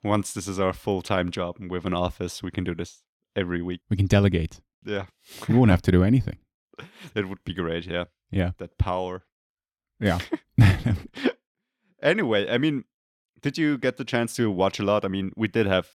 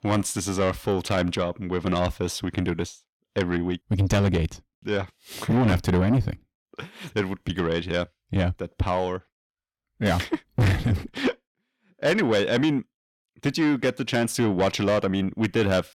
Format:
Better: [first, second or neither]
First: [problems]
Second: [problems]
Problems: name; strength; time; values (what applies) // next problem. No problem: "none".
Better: first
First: none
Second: distortion; heavy; 7 dB below the speech